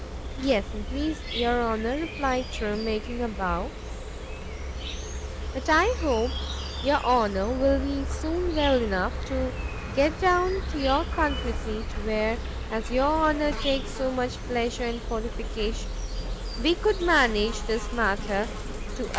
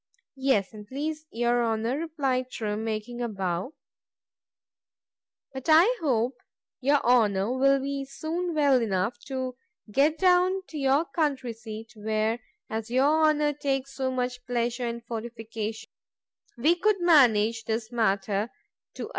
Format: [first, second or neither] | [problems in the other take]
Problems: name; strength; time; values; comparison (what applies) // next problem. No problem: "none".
second | background sound (Insect); 4 dB below the speech